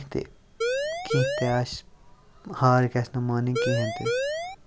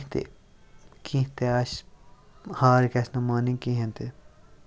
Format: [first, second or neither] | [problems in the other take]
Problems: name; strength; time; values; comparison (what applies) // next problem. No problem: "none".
second | background sound (Siren); as loud as the speech